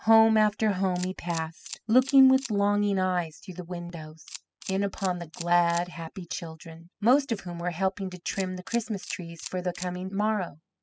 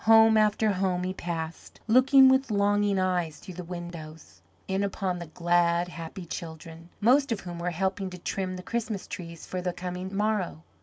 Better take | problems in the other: second | noise reduction (classical method spectral subtraction)

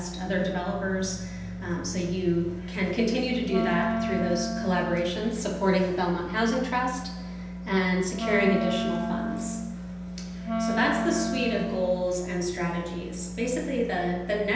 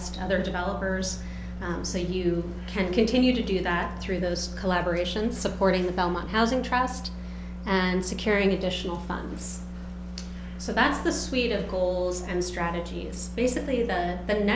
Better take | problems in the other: second | background sound (Wind instrument, woodwind instrument); 4 dB below the speech // room echo; dies away in 0.9 s

